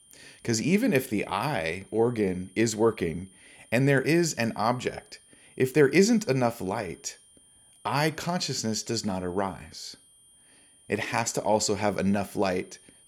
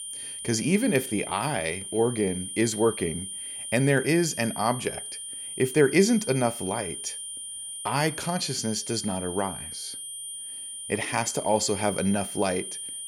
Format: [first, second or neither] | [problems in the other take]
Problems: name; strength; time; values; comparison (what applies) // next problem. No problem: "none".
first | high-pitched whine; loud; throughout; 9.5 kHz, 8 dB below the speech; faint in the first